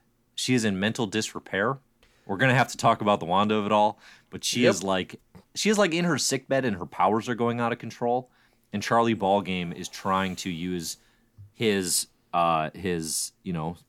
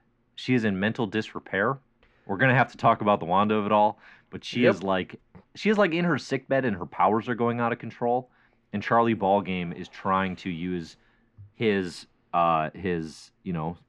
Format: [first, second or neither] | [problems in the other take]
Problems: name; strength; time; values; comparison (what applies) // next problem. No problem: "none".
first | muffled; very; fading above 2 kHz